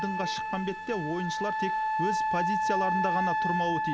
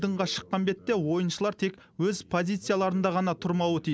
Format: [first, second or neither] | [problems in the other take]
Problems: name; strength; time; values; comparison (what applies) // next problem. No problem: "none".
second | background sound (Wind instrument, woodwind instrument); 4 dB above the speech